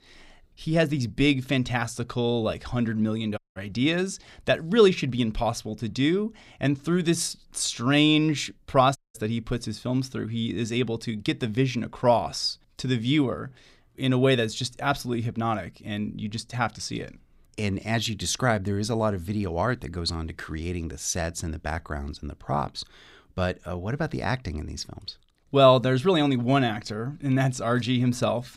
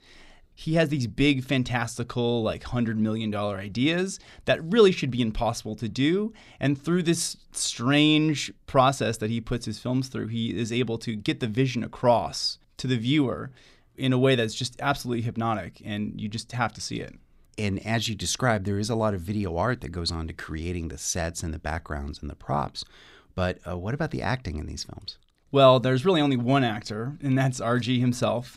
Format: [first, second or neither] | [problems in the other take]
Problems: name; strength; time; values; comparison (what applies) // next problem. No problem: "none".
second | audio cutting out; at 3.5 s and at 9 s